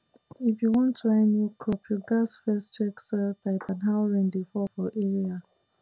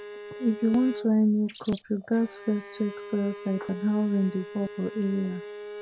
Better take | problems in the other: first | background sound (Bowed string instrument + Bird); 14 dB below the speech

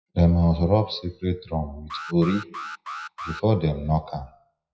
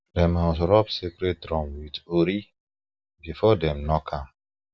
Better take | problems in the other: second | noise reduction (classical method WPE with log-MMSE)

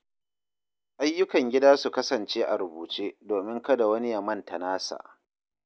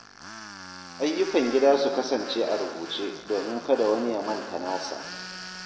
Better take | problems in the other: first | background sound (Tools); 14 dB below the speech // room echo; dies away in 1.7 s

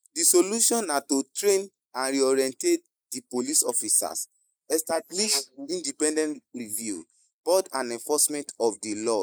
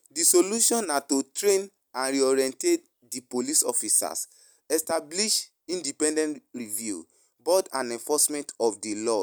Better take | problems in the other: second | noise reduction (neural mask model Resemble Enhance denoiser)

